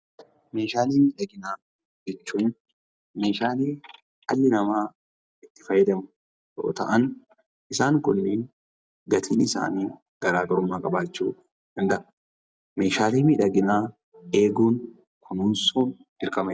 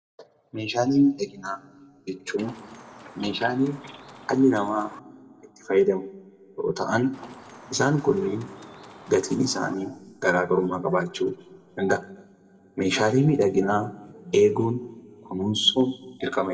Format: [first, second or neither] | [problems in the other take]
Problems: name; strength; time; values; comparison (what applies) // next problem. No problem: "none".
first | background sound (Chicken, rooster); 20 dB below the speech // room echo; dies away in 1.2 s